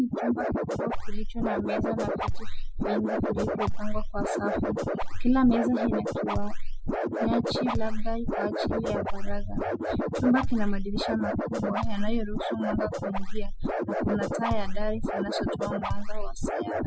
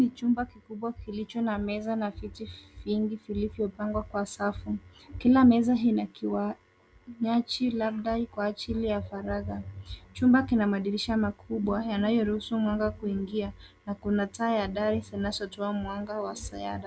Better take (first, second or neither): second